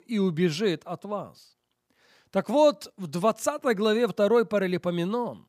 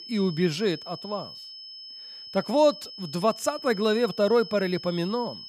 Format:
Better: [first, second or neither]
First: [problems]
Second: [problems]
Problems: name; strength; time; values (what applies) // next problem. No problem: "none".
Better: first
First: none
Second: high-pitched whine; noticeable; throughout; 5 kHz, 15 dB below the speech